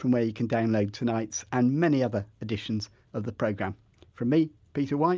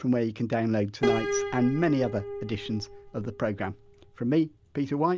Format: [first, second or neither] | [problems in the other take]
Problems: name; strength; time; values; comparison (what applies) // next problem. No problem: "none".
first | background sound (Piano); 6 dB below the speech